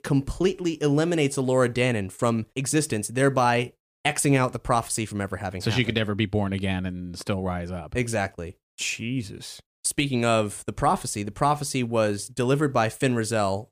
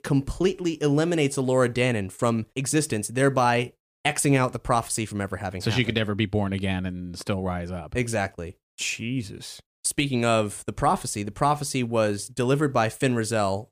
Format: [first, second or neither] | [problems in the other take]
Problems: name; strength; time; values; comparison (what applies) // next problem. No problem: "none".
neither | none